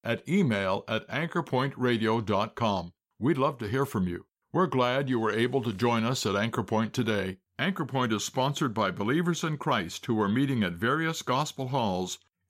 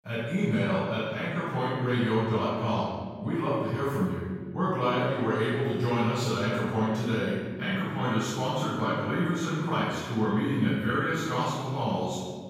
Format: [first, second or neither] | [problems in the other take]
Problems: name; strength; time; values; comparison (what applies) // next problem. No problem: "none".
first | off-mic speech; far // room echo; strong; dies away in 1.5 s